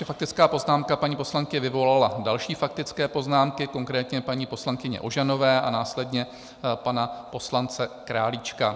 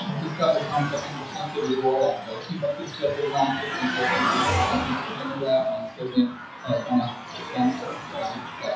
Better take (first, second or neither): first